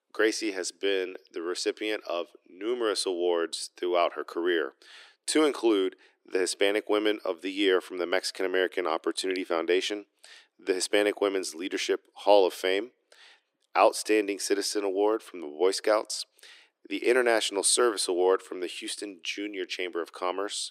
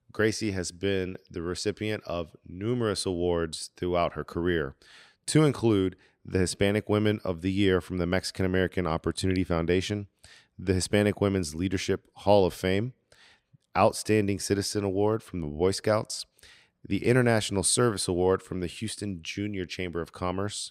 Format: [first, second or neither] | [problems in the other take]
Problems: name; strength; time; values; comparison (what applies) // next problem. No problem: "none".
second | thin; somewhat; fading below 300 Hz